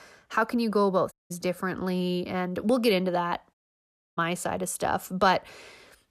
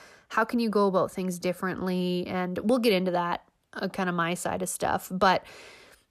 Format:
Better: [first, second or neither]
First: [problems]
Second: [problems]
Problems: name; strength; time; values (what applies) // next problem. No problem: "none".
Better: second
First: audio cutting out; at 1 s and at 3.5 s for 0.5 s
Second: none